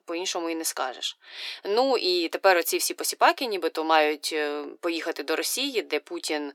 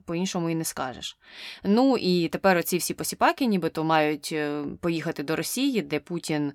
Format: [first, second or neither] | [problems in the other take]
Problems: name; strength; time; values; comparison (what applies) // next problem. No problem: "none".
second | thin; very; fading below 350 Hz